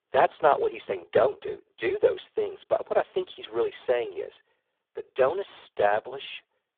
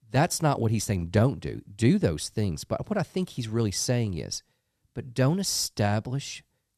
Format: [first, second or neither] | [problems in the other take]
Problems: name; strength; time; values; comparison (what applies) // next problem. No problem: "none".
second | phone-call audio; poor line